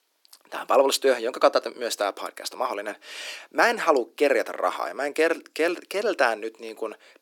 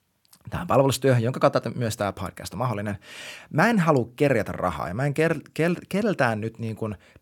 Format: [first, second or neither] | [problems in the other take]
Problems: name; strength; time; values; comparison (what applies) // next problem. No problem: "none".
second | thin; very; fading below 300 Hz